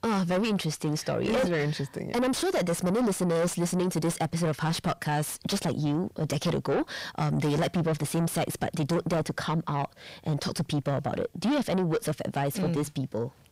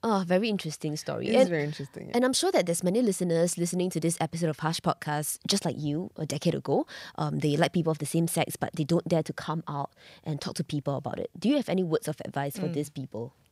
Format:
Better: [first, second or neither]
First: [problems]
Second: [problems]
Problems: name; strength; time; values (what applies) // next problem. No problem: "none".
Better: second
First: distortion; heavy; 6 dB below the speech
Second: none